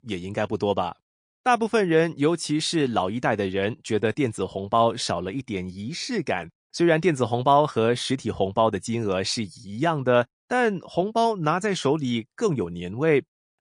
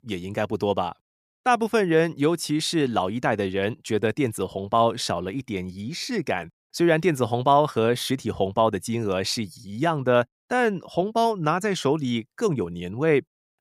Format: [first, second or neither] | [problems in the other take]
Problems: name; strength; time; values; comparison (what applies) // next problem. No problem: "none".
second | garbled, watery; slightly; nothing above 10 kHz